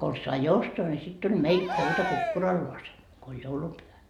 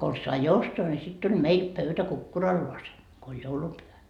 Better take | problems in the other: second | background sound (Cheering); 5 dB below the speech

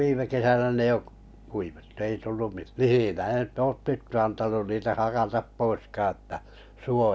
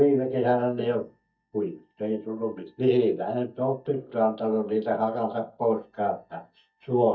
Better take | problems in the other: first | noise reduction (neural mask model DeepFilterNet 3)

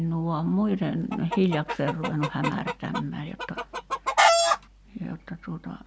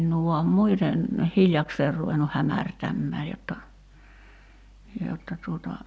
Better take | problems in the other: second | background sound (Chicken, rooster); 2 dB above the speech

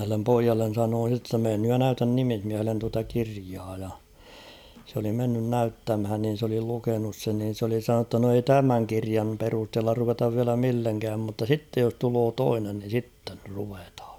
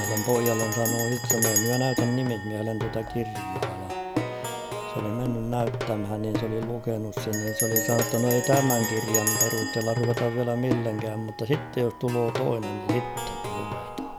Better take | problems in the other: first | background sound (Plucked string instrument + Bell); 3 dB below the speech

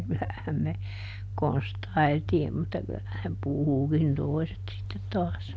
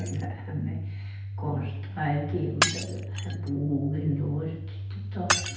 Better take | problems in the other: first | background sound (Shatter); 5 dB below the speech // room echo; dies away in 0.8 s

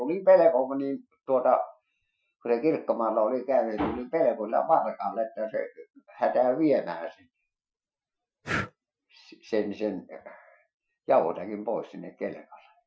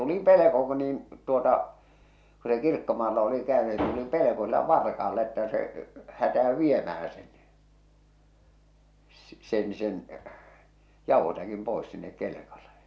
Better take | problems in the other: second | noise reduction (classical method Wiener filter)

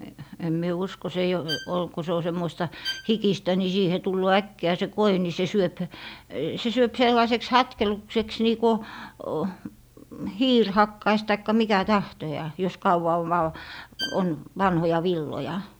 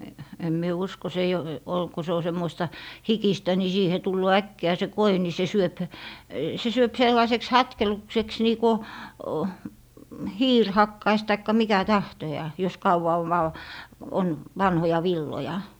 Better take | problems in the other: second | background sound (Bowed string instrument); 13 dB below the speech

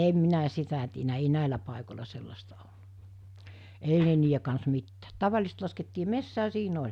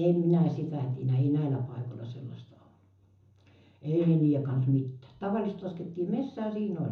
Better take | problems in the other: first | room echo; dies away in 0.6 s

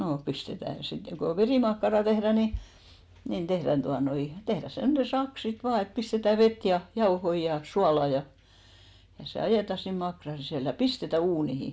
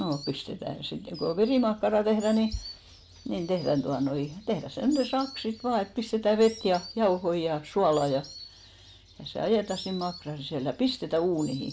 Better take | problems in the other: first | background sound (Insect); 20 dB below the speech

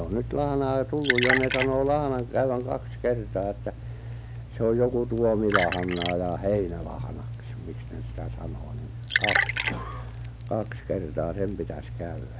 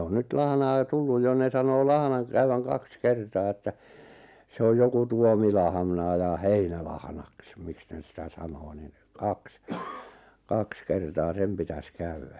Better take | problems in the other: second | background sound (Liquid); 4 dB below the speech

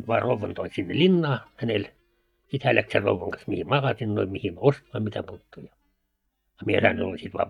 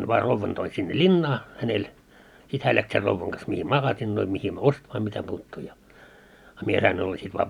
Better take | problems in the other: second | noise reduction (neural mask model DeepFilterNet 3)

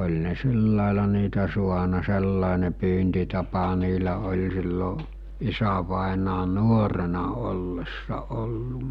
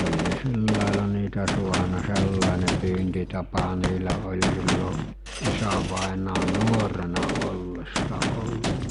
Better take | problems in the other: first | background sound (Gunshot, gunfire); 1 dB below the speech

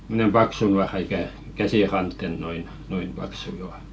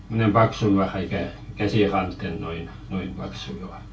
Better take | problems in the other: first | room echo; dies away in 0.2 s

